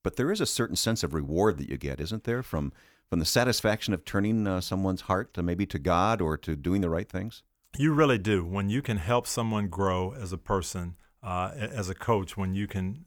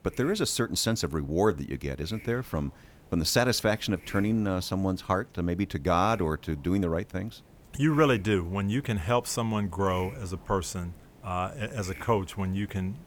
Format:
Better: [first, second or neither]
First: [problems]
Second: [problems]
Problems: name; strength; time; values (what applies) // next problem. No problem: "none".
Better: first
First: none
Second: hiss; faint; throughout; 20 dB below the speech